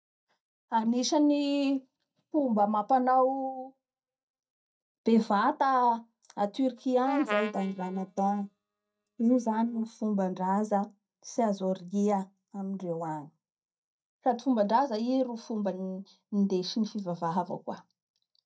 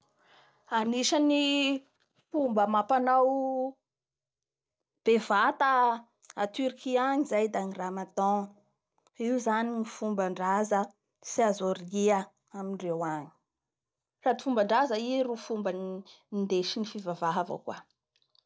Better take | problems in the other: second | noise reduction (neural mask model DeepFilterNet 3)

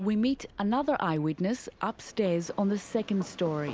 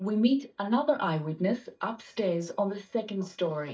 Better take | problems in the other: first | noise reduction (neural mask model DeepFilterNet 3)

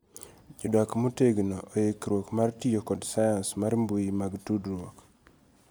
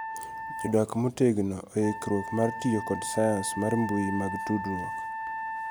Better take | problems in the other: first | background sound (Wind instrument, woodwind instrument); 7 dB below the speech

